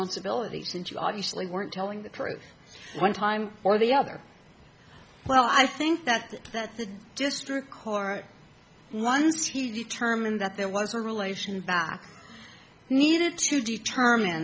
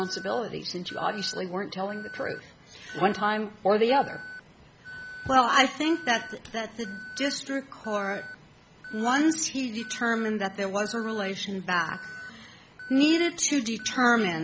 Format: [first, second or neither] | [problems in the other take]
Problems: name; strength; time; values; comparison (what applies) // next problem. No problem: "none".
first | background sound (Alarm); 16 dB below the speech